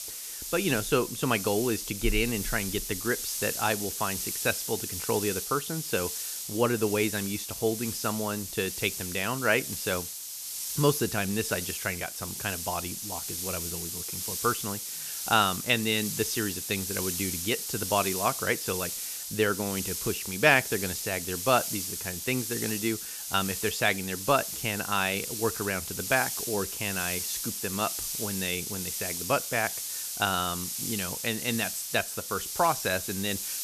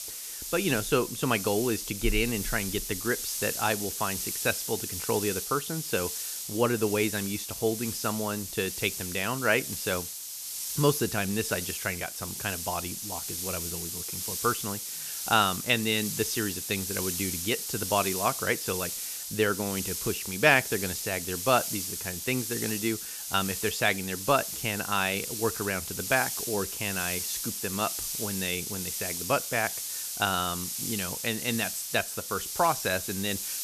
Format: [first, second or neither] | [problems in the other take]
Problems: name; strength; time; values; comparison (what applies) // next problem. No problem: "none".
neither | hiss; loud; throughout; 3 dB below the speech; the same in both